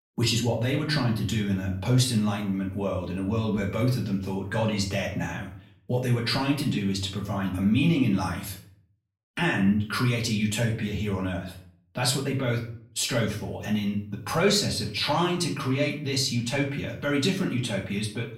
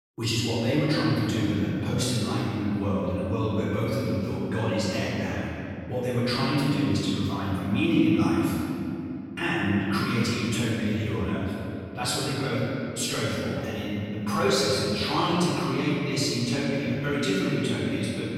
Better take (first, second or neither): first